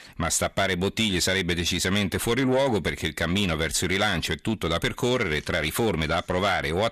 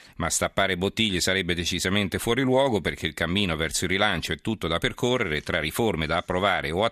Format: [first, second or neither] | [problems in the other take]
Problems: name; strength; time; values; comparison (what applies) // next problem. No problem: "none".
second | distortion; slight; 10 dB below the speech